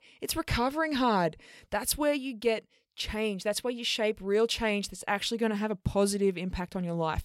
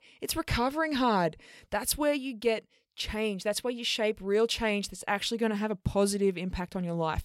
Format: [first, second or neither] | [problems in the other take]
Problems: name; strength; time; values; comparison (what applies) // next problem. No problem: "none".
neither | none